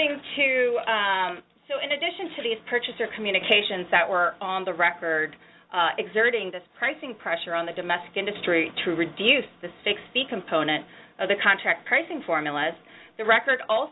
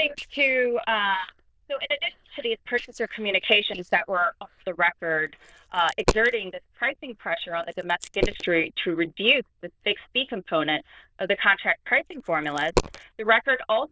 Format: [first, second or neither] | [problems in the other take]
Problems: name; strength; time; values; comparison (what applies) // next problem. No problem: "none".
first | noise reduction (neural diffusion model UNIVERSE++)